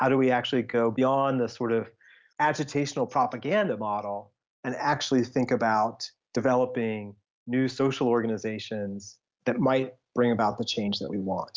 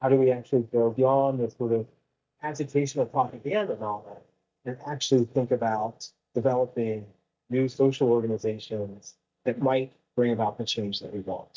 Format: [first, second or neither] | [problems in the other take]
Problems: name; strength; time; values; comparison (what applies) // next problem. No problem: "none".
first | noise reduction (neural mask model DeepFilterNet 3)